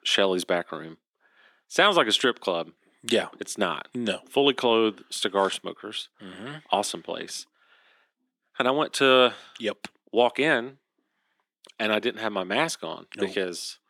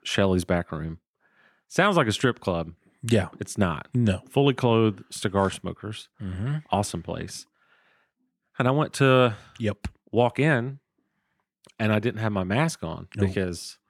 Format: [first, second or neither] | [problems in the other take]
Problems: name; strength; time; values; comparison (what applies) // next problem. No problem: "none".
second | thin; somewhat; fading below 300 Hz